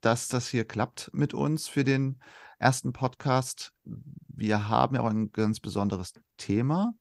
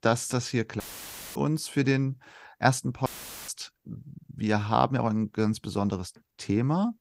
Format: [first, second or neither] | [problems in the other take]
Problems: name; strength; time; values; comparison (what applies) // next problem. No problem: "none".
first | audio cutting out; filled with static; at 1 s for 0.5 s and at 3 s